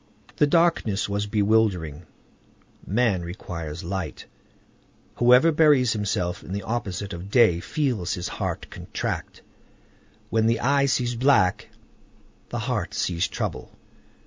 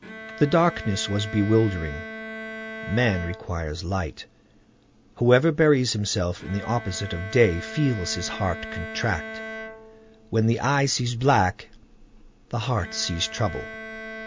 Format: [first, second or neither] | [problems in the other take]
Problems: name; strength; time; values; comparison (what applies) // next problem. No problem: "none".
first | background sound (Bowed string instrument); 14 dB below the speech